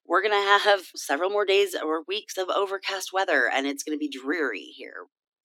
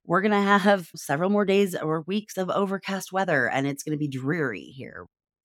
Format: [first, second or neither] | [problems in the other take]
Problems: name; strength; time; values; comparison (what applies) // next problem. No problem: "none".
second | thin; somewhat; fading below 300 Hz